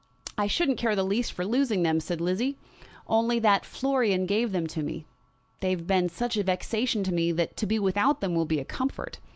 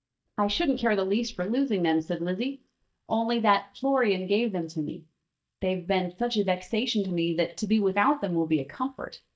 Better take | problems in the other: first | noise reduction (neural mask model DeepFilterNet 3)

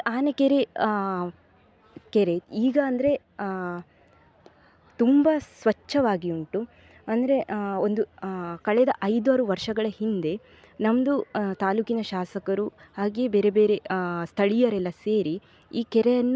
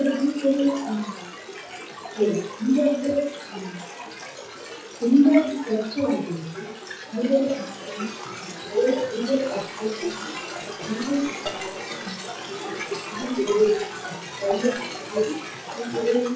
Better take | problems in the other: first | noise reduction (classical method WPE with log-MMSE)

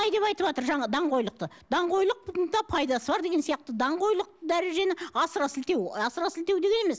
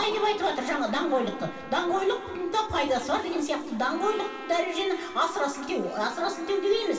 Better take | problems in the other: first | background sound (Trumpet); 17 dB below the speech // room echo; dies away in 2.5 s

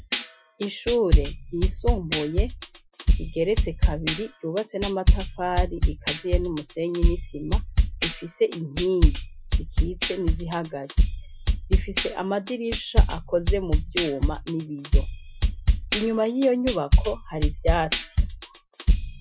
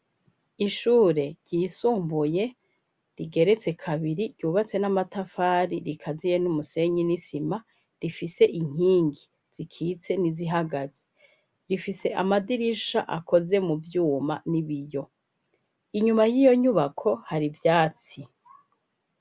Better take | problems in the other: second | noise reduction (classical method Wiener filter)

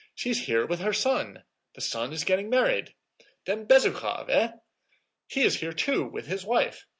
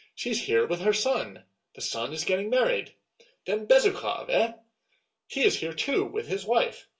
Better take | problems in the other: first | room echo; dies away in 0.2 s

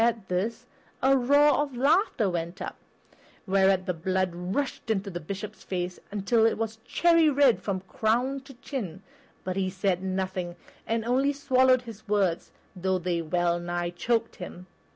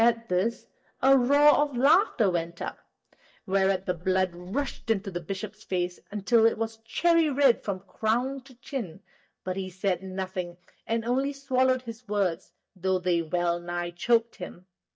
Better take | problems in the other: first | noise reduction (neural mask model DeepFilterNet 3)

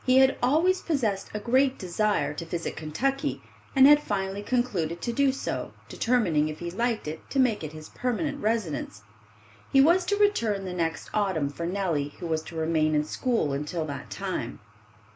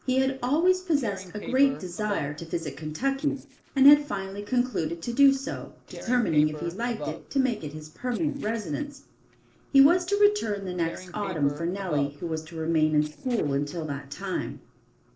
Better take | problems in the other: first | noise reduction (neural separator model SepFormer DNS4)

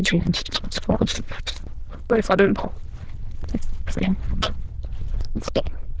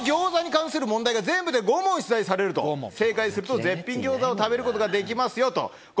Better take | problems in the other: second | noise reduction (neural diffusion model UNIVERSE++)

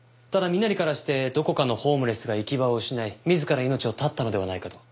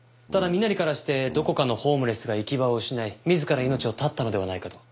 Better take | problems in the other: first | background sound (Brass instrument); 17 dB below the speech

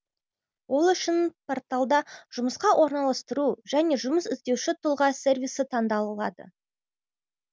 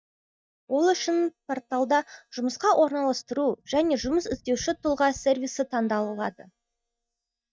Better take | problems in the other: first | noise reduction (neural mask model DeepFilterNet 3)

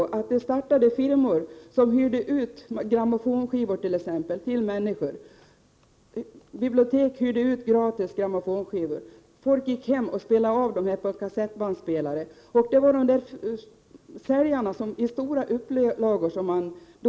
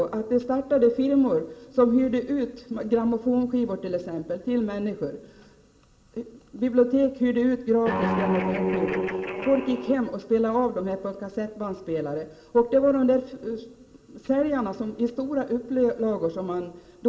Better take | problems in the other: first | background sound (Guitar); 2 dB below the speech // room echo; dies away in 1.6 s

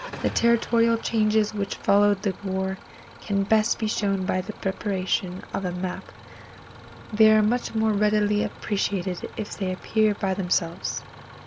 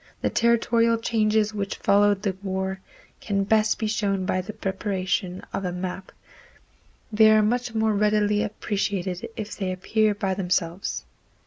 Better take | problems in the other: second | background sound (Idling / Engine starting); 18 dB below the speech

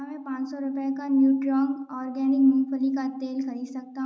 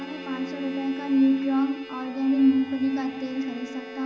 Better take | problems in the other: first | background sound (Bowed string instrument + Bowed string instrument); 15 dB below the speech

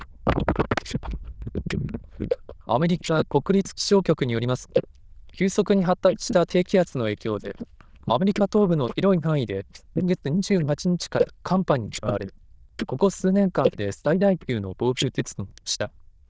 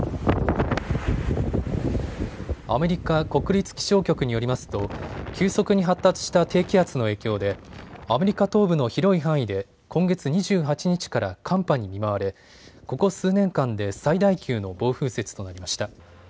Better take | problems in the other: second | noise reduction (neural diffusion model UNIVERSE++)

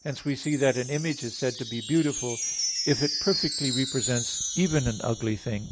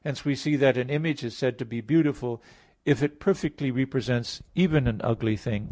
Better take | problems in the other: second | background sound (Wind chime); 5 dB below the speech

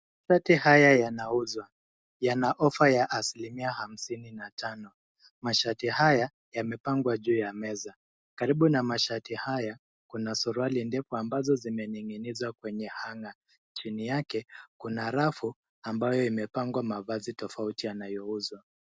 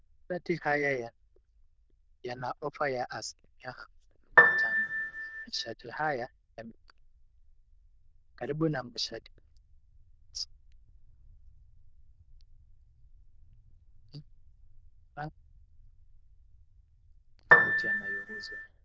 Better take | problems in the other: first | noise reduction (neural diffusion model UNIVERSE++)

